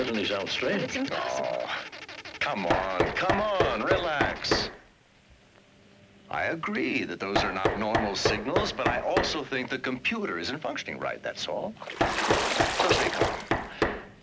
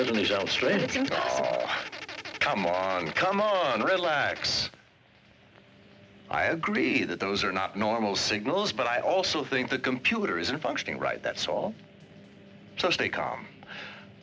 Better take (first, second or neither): second